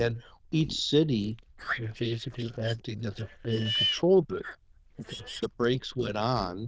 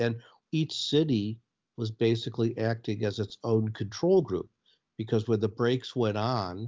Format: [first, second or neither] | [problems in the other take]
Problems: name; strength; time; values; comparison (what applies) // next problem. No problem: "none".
second | noise reduction (neural diffusion model UNIVERSE++)